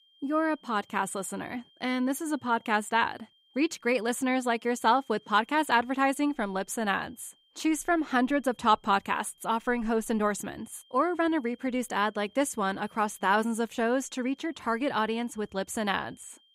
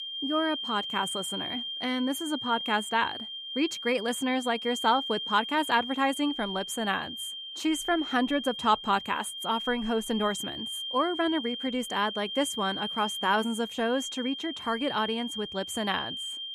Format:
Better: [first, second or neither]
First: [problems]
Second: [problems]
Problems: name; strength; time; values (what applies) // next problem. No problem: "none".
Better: first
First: high-pitched whine; faint; throughout; 3 kHz, 35 dB below the speech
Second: high-pitched whine; loud; throughout; 3 kHz, 5 dB below the speech